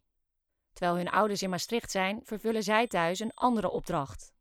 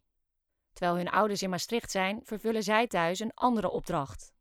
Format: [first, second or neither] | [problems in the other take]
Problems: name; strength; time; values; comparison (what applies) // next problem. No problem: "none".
second | high-pitched whine; faint; at 1 s and from 2.5 to 3.5 s; 8 kHz, 30 dB below the speech